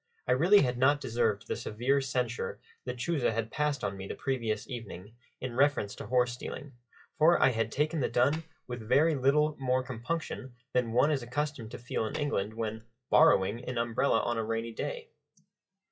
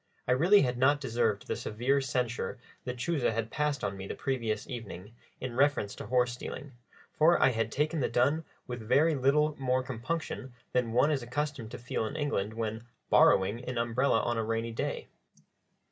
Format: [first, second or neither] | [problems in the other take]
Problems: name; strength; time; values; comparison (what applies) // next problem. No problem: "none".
second | noise reduction (classical method log-MMSE)